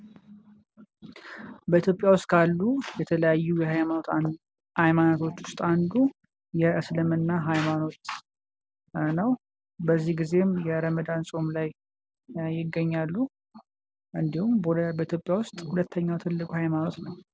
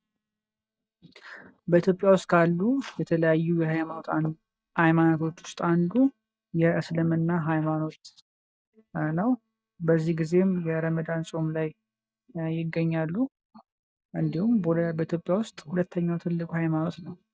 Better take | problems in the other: first | noise reduction (neural mask model DeepFilterNet 3)

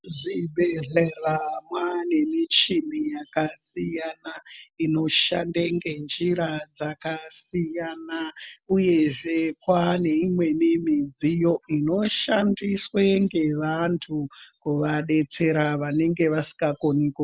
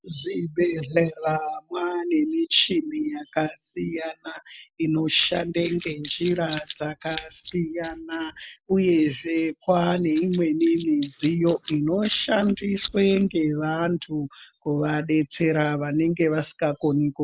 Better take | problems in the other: first | noise reduction (neural mask model Resemble Enhance denoiser)

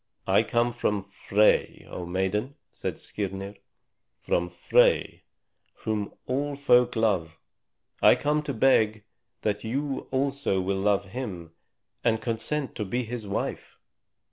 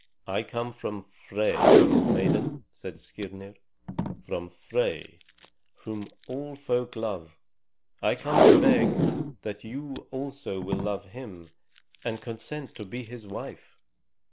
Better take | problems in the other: first | background sound (Packing tape, duct tape); 5 dB above the speech

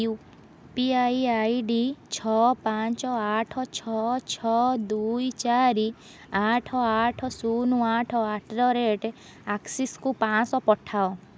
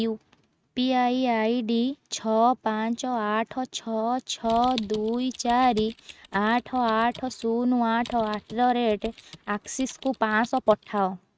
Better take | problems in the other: first | noise reduction (neural mask model RNNoise)

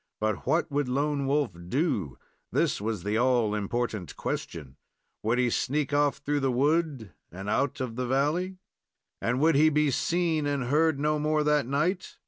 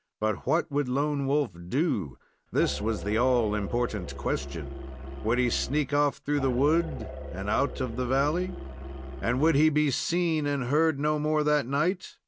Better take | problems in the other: first | background sound (Musical instrument); 9 dB below the speech

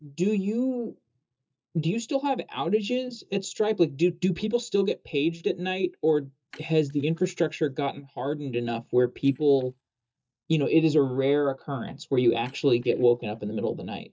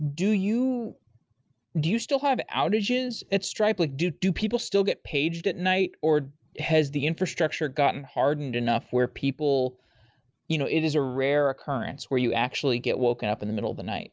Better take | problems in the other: second | noise reduction (neural mask model DeepFilterNet 3)

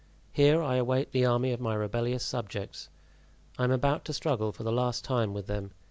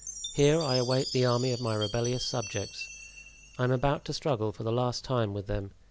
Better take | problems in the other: first | background sound (Chime); 12 dB below the speech

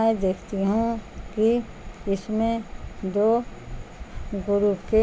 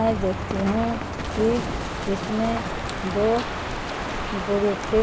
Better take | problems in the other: first | background sound (Crow); 4 dB below the speech

